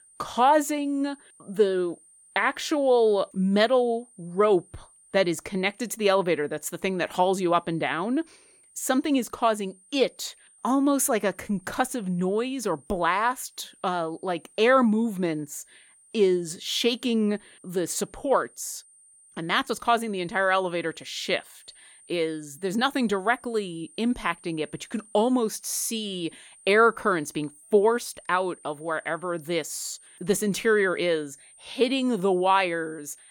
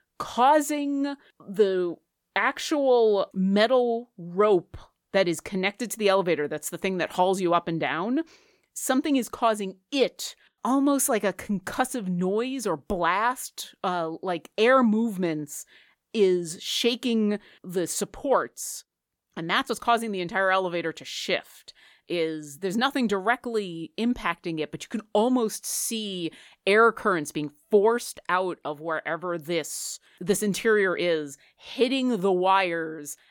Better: second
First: high-pitched whine; faint; throughout; 9 kHz, 25 dB below the speech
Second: none

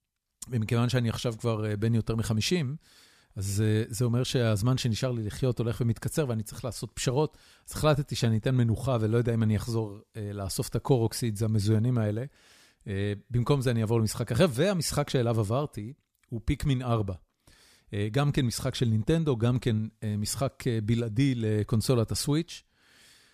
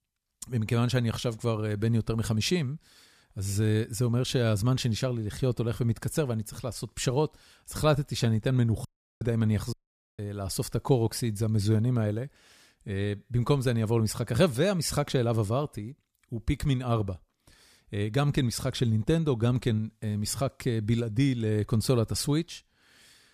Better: first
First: none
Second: audio cutting out; at 9 s and at 9.5 s

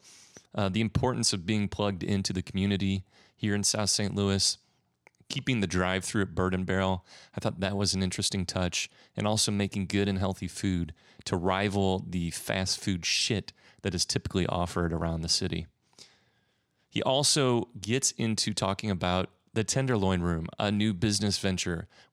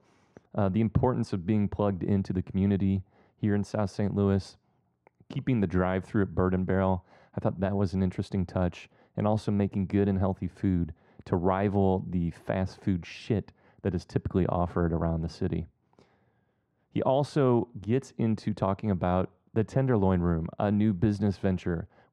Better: first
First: none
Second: muffled; very; fading above 2.5 kHz

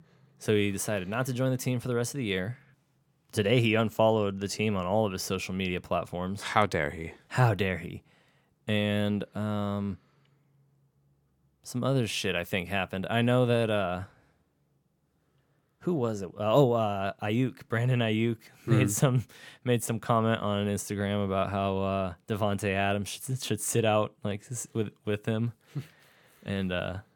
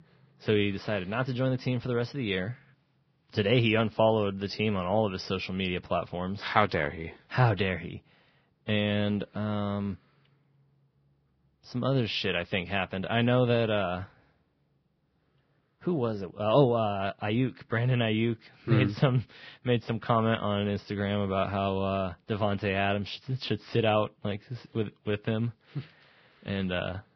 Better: first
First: none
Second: garbled, watery; badly; nothing above 5.5 kHz

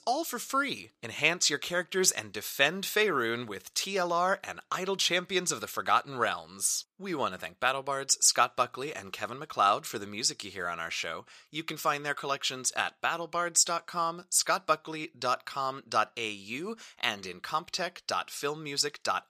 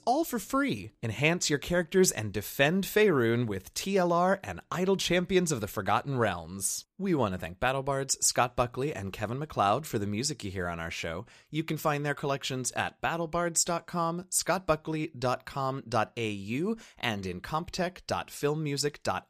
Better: second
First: thin; somewhat; fading below 1 kHz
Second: none

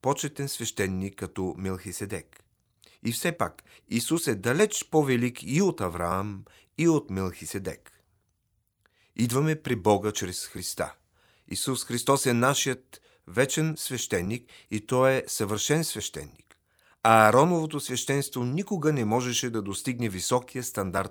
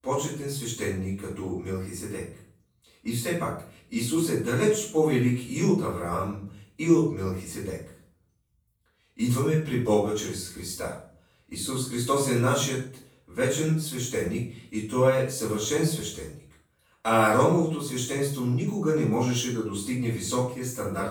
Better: first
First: none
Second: off-mic speech; far // room echo; noticeable; dies away in 0.5 s

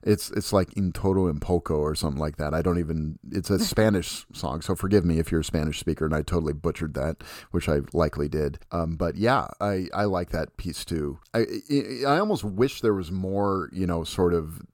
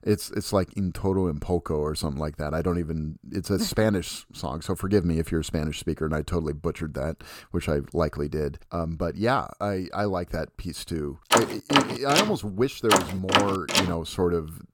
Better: first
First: none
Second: door banging; loud; from 11 to 14 s; peak 5 dB above the speech

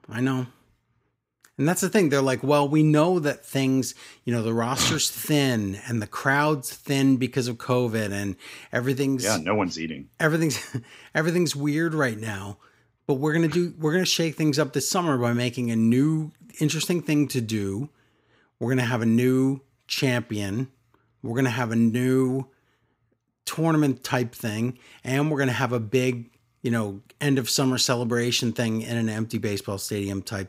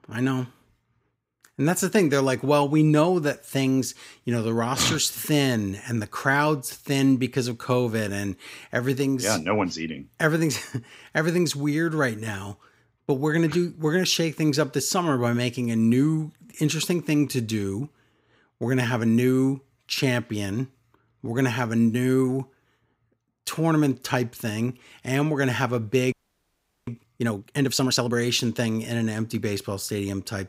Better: first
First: none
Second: audio freezing; at 26 s for 1 s

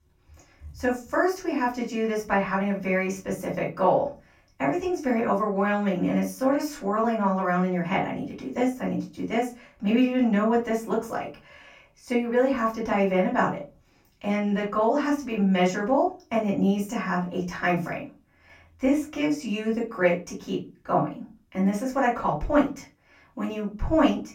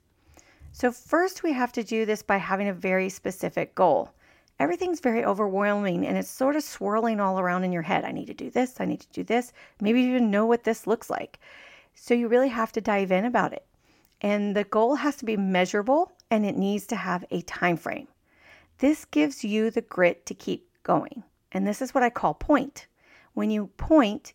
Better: second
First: off-mic speech; far // room echo; slight; dies away in 0.3 s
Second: none

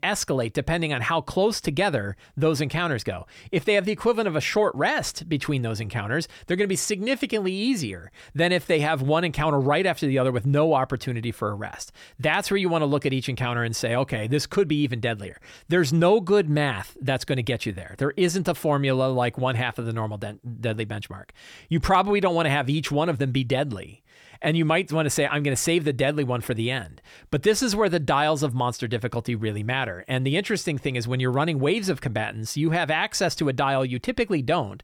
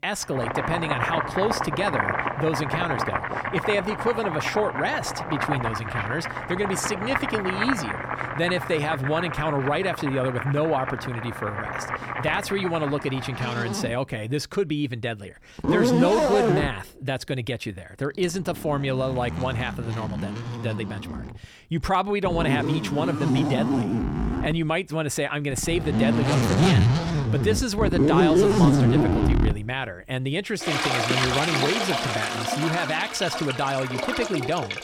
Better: first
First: none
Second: household noises; very loud; throughout; 1 dB above the speech

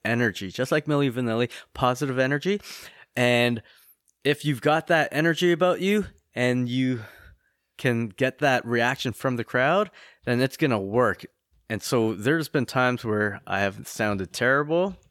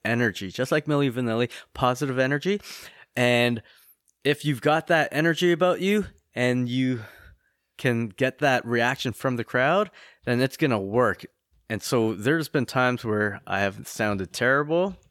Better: neither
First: none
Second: none

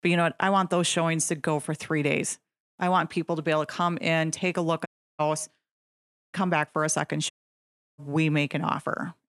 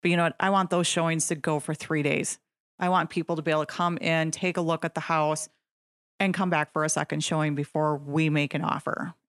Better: second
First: audio cutting out; at 5 s, at 6 s and at 7.5 s for 0.5 s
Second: none

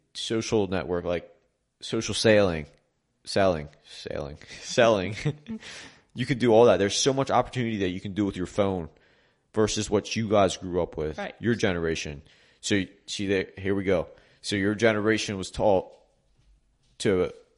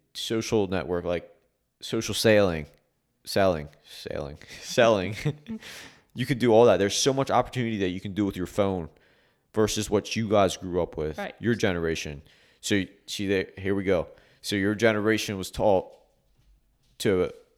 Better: second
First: garbled, watery; slightly; nothing above 10.5 kHz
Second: none

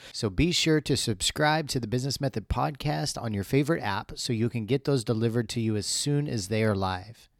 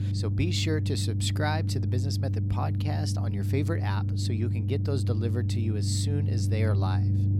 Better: first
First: none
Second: low rumble; loud; throughout; 6 dB below the speech

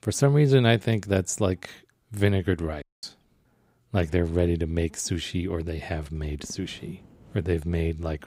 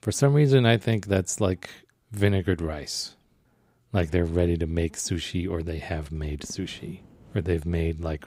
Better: second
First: audio cutting out; at 3 s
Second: none

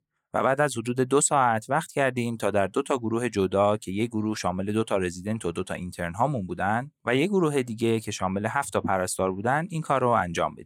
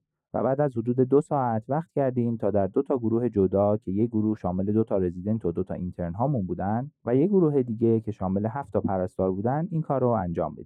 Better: first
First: none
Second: muffled; very; fading above 1.5 kHz

